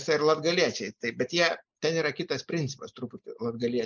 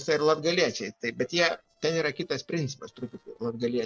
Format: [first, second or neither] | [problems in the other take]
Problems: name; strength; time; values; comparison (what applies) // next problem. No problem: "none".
first | noise reduction (neural separator model SepFormer DNS4)